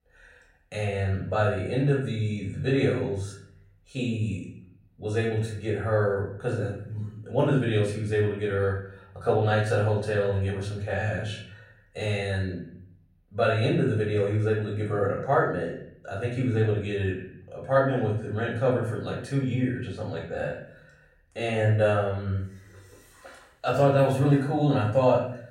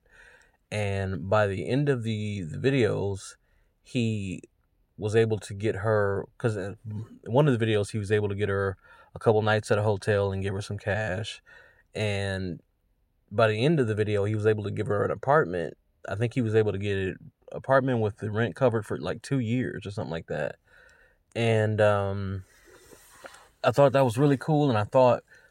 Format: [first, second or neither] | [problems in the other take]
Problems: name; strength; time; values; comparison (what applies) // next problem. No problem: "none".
second | off-mic speech; far // room echo; noticeable; dies away in 0.6 s